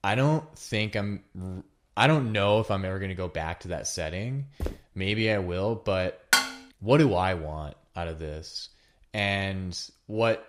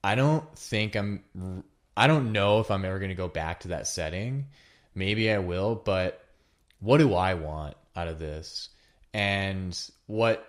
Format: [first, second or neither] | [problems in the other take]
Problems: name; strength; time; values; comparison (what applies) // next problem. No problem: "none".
second | footsteps; noticeable; at 4.5 s; peak 9 dB below the speech // clattering dishes; loud; at 6.5 s; peak 5 dB above the speech